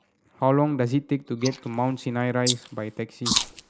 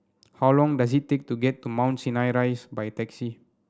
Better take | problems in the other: second | noise reduction (neural mask model Resemble Enhance denoiser)

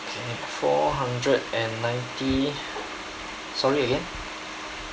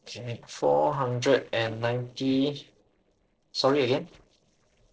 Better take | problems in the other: first | noise reduction (neural separator model SepFormer DNS4)

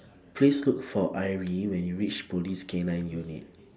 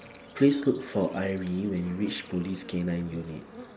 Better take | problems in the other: first | background sound (Bird / Insect); 20 dB below the speech

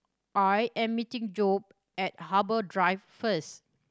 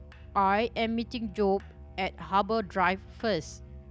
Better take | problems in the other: first | background sound (Bass guitar + Musical instrument); 17 dB below the speech

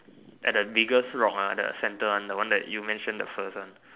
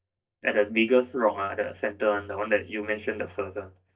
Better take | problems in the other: first | noise reduction (neural mask model DeepFilterNet 3)

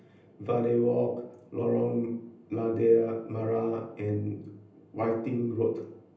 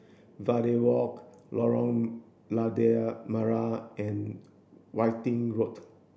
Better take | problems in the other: second | room echo; dies away in 0.6 s

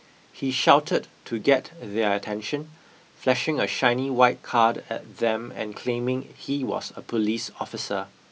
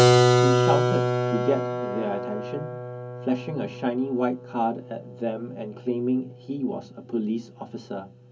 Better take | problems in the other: first | background sound (Keyboard (musical)); 3 dB above the speech // room echo; dies away in 0.3 s

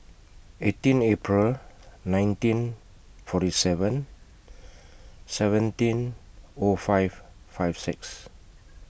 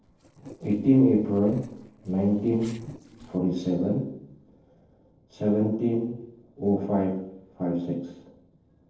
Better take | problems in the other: first | noise reduction (neural separator model SepFormer DNS4)

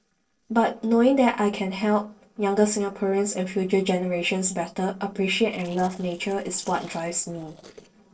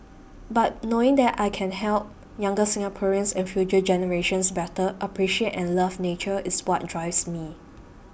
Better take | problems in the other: second | noise reduction (neural separator model SepFormer DNS4)

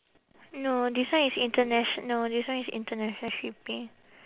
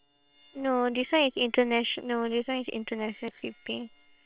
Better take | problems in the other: first | noise reduction (neural separator model SepFormer WHAM!)

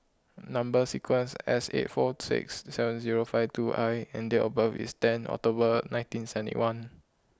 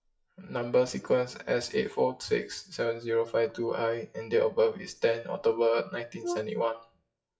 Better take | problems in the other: first | noise reduction (classical method WPE with log-MMSE)

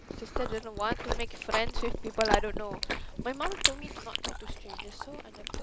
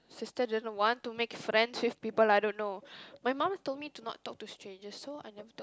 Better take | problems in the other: second | noise reduction (neural mask model Resemble Enhance denoiser)

